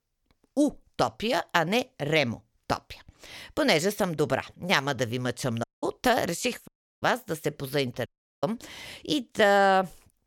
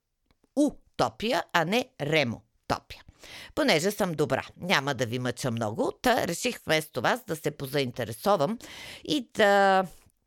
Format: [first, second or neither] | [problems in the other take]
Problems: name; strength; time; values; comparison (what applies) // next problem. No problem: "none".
second | audio cutting out; at 5.5 s, at 6.5 s and at 8 s